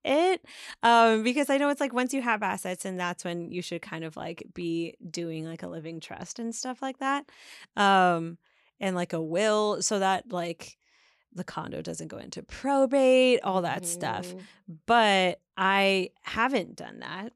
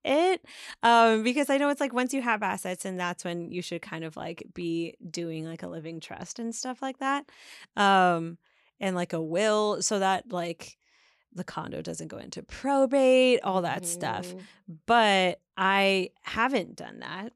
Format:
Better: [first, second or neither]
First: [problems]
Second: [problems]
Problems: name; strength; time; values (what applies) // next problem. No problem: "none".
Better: neither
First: none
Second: none